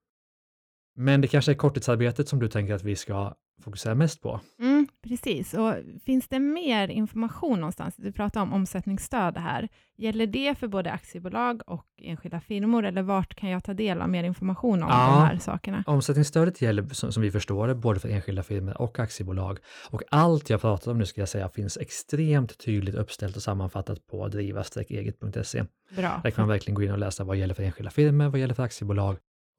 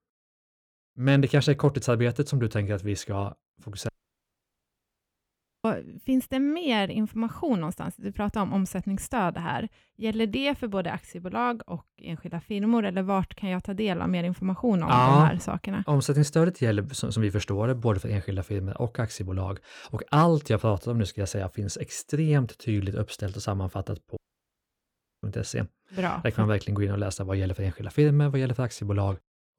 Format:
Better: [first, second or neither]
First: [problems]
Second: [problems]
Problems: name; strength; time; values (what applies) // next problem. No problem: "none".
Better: first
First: none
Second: audio cutting out; at 4 s for 1.5 s and at 24 s for 1 s